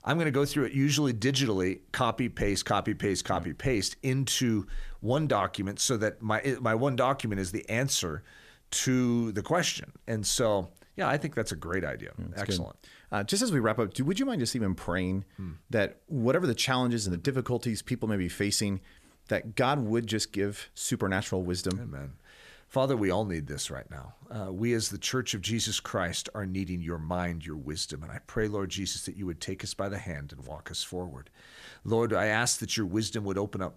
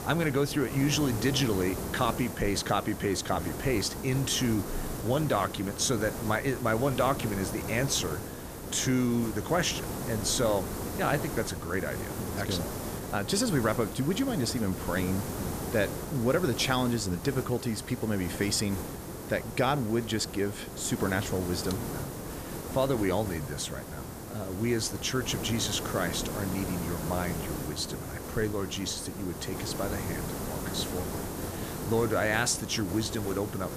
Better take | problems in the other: first | hiss; loud; throughout; 7 dB below the speech

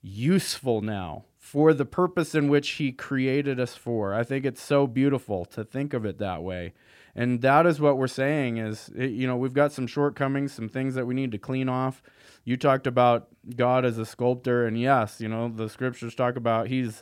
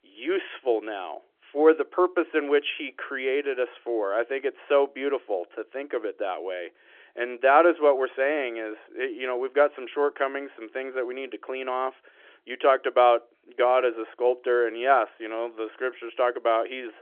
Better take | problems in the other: first | phone-call audio; nothing above 3.5 kHz

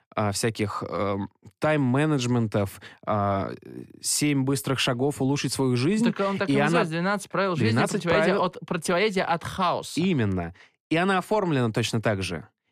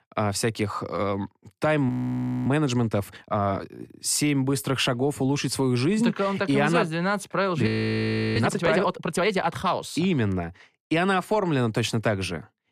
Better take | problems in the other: first | audio freezing; at 2 s for 0.5 s and at 7.5 s for 0.5 s

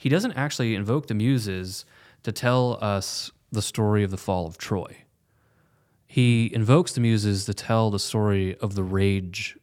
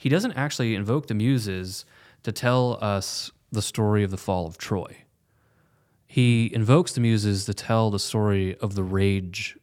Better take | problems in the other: neither | none

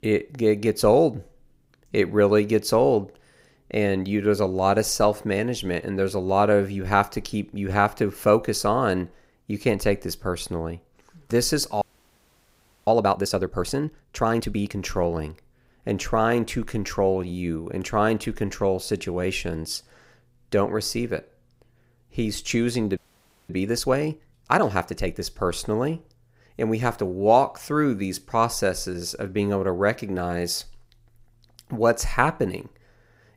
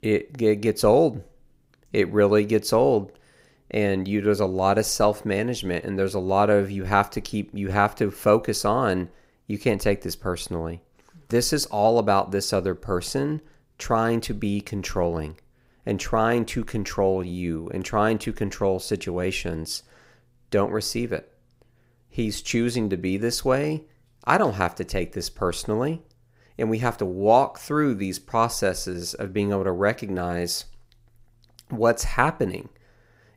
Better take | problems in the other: second | audio freezing; at 12 s for 1 s and at 23 s for 0.5 s

